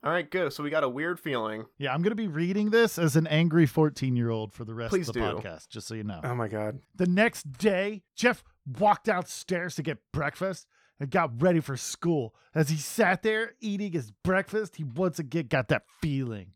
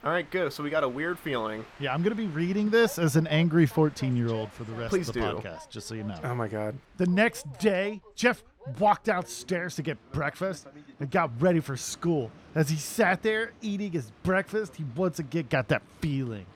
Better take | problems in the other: first | train or aircraft noise; faint; throughout; 20 dB below the speech

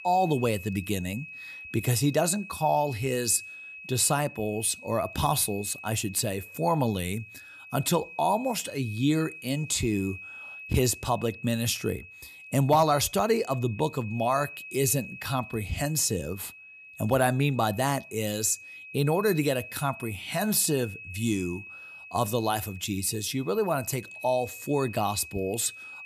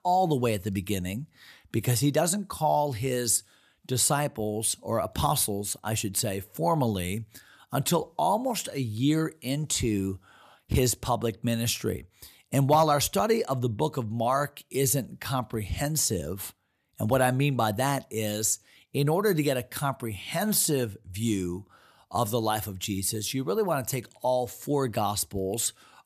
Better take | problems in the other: second | high-pitched whine; noticeable; throughout; 2.5 kHz, 15 dB below the speech

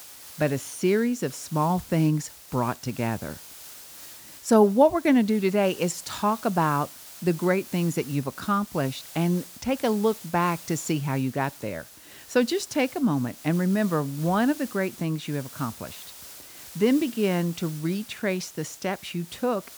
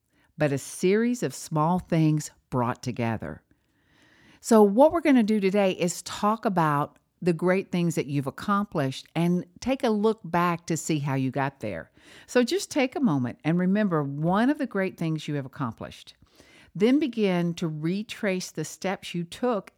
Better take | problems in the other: second | hiss; noticeable; throughout; 15 dB below the speech

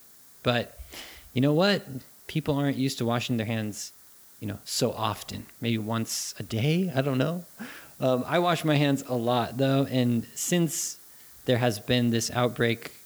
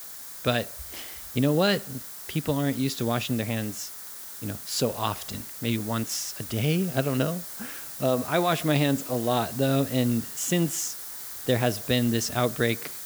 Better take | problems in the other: first | hiss; loud; throughout; 9 dB below the speech; faint in the first

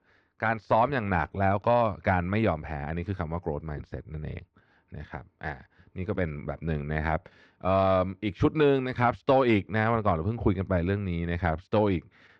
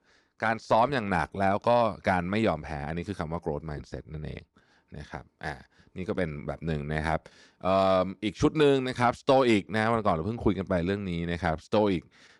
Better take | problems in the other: second | muffled; slightly; fading above 2.5 kHz

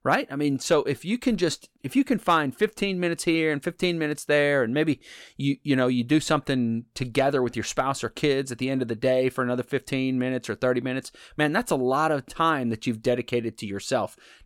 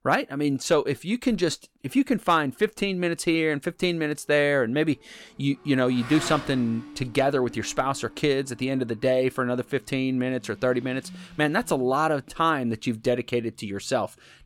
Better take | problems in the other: first | traffic noise; noticeable; throughout; 15 dB below the speech

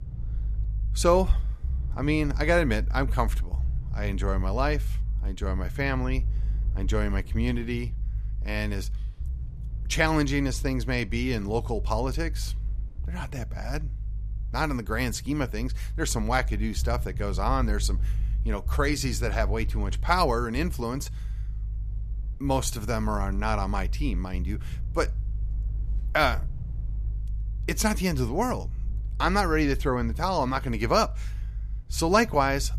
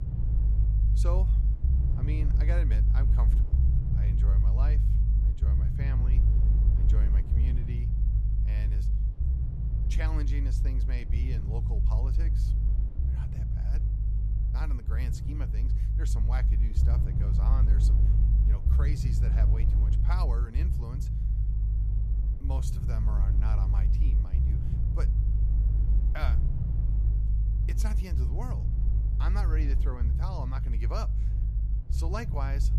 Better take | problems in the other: first | low rumble; loud; throughout; 2 dB below the speech; faint in the first

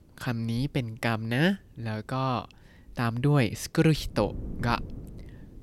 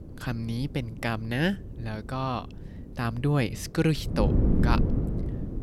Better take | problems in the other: first | wind noise on the microphone; heavy; 3 dB below the speech; occasional gusts in the first

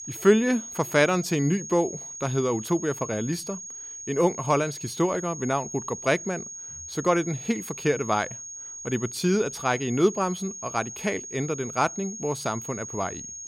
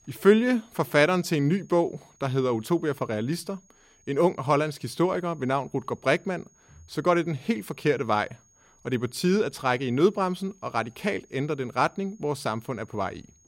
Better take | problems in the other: second | high-pitched whine; loud; throughout; 6.5 kHz, 10 dB below the speech; faint in the second

